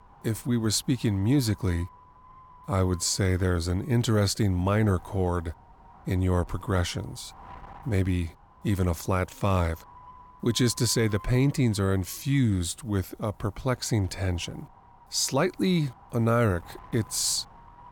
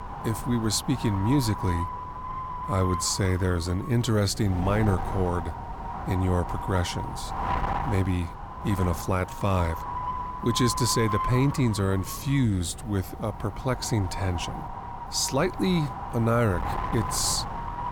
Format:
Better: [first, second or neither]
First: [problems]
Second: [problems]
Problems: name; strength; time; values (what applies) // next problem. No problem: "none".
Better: first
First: wind noise on the microphone; occasional gusts; 20 dB below the speech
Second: wind noise on the microphone; heavy; 2 dB below the speech